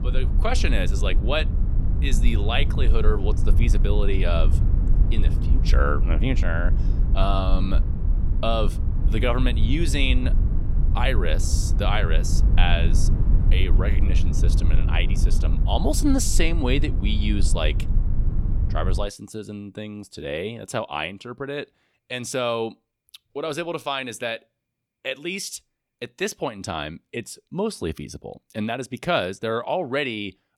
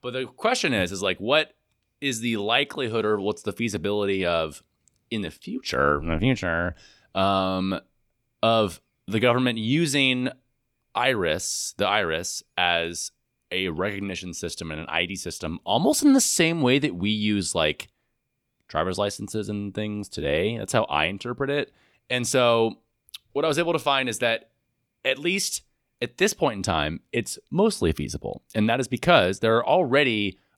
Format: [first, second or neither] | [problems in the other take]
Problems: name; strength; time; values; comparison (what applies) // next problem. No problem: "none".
second | low rumble; noticeable; until 19 s; 10 dB below the speech